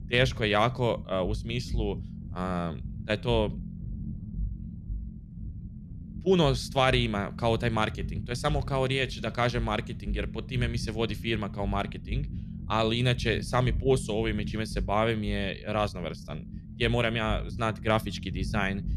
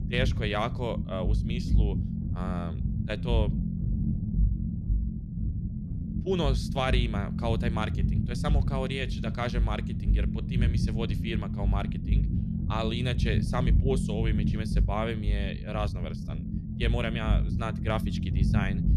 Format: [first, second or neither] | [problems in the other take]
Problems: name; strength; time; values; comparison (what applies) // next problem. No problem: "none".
first | low rumble; loud; throughout; 7 dB below the speech; faint in the first